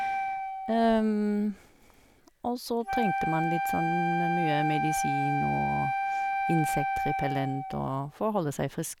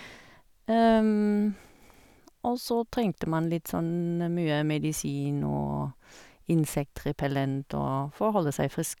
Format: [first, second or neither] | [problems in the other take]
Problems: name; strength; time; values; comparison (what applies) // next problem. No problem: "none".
second | background sound (Wind instrument, woodwind instrument); 1 dB below the speech